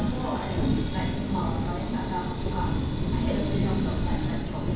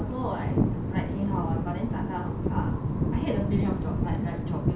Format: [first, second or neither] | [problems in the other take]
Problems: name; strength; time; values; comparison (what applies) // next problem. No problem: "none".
second | background sound (Sawing); 18 dB below the speech // room echo; dies away in 0.7 s